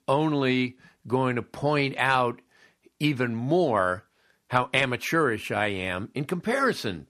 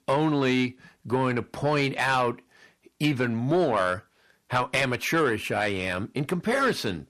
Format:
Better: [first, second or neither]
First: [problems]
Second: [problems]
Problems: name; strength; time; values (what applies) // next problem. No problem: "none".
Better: first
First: none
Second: distortion; slight; 10 dB below the speech